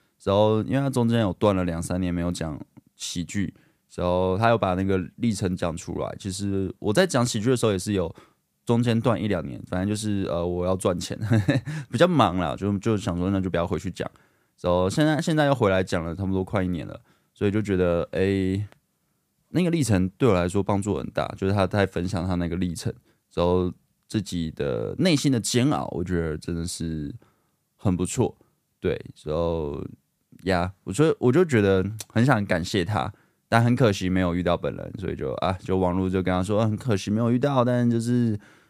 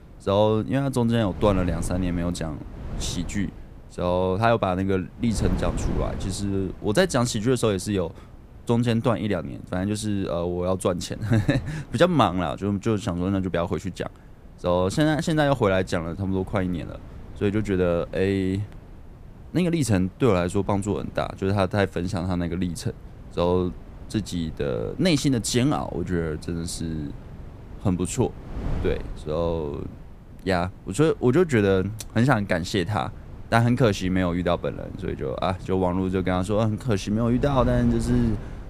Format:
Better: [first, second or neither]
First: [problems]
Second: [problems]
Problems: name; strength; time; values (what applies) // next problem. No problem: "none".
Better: first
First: none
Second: wind noise on the microphone; occasional gusts; 20 dB below the speech